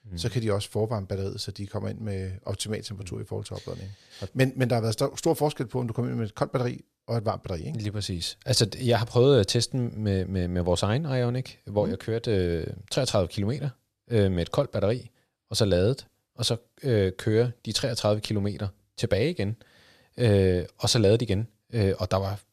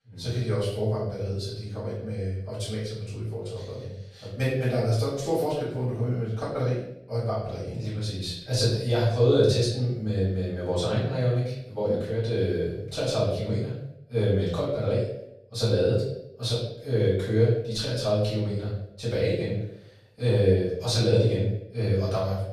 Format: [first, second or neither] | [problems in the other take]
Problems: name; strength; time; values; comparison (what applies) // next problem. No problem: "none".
first | off-mic speech; far // room echo; noticeable; dies away in 0.7 s